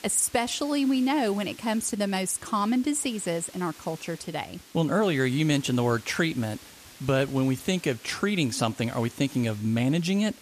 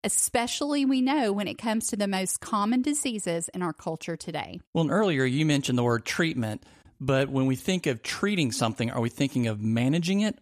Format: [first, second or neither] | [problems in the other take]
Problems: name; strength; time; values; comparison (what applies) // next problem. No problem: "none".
second | hiss; faint; throughout; 20 dB below the speech